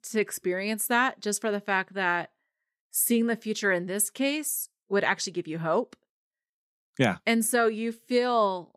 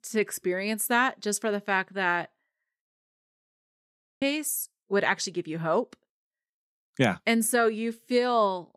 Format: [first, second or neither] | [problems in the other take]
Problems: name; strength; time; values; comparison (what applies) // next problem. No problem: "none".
first | audio freezing; at 3 s for 1.5 s